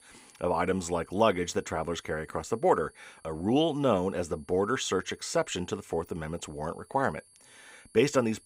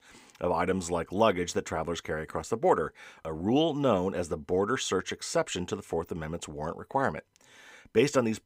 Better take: second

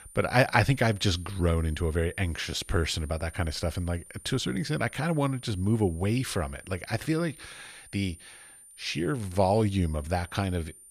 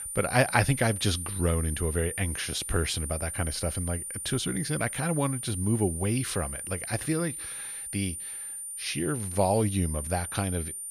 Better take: first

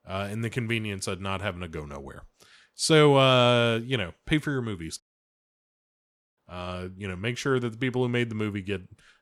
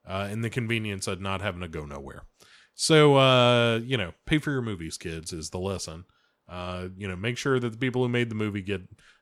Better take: second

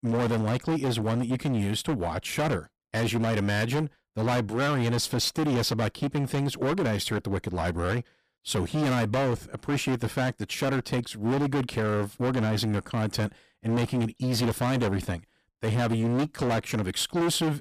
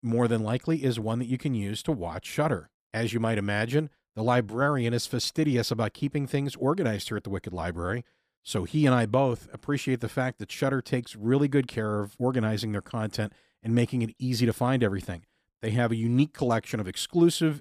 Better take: second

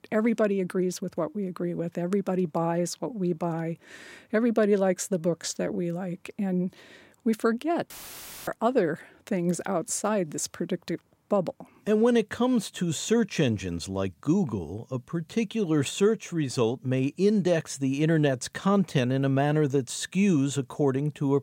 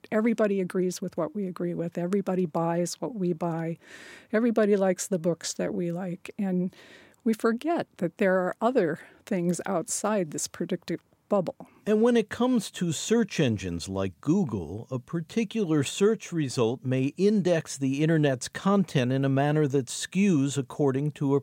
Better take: second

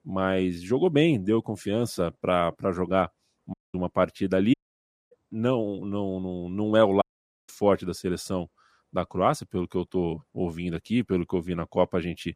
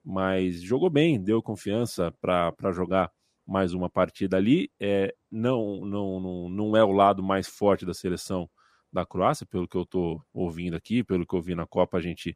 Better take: second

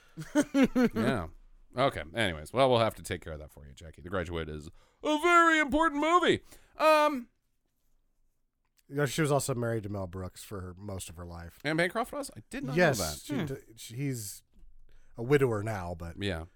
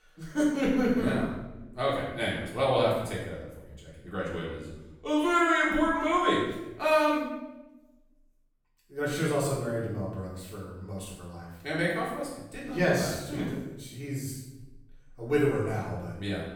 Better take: first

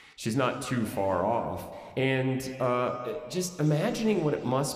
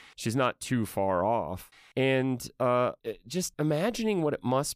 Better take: second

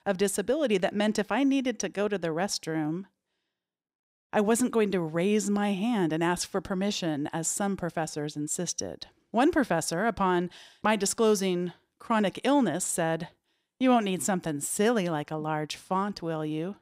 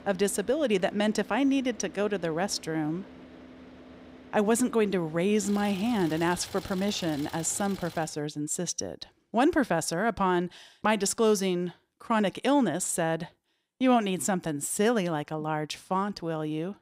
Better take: first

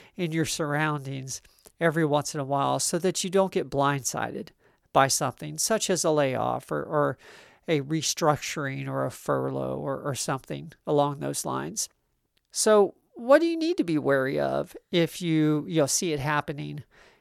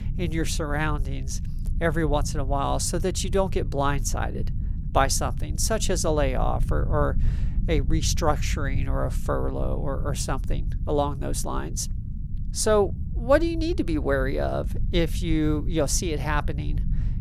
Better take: first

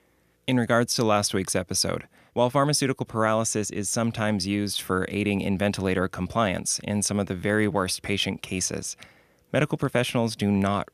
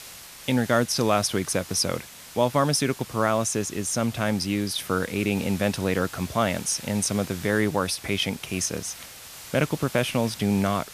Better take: first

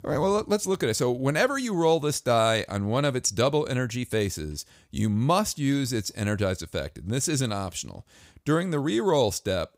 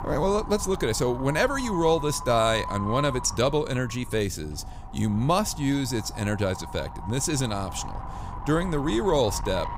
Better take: first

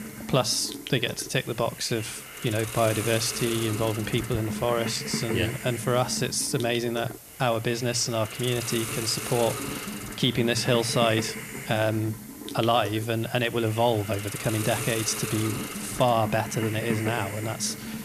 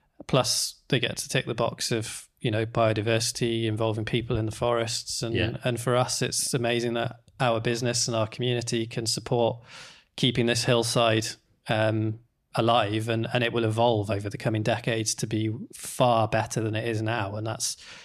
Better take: second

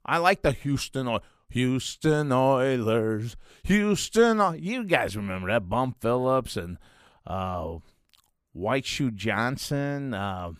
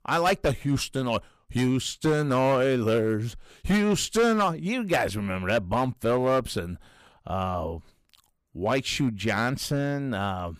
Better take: first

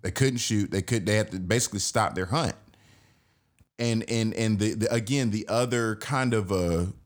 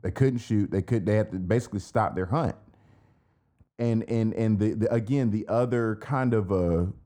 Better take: first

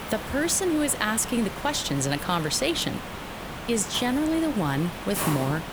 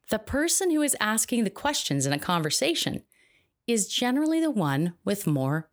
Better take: second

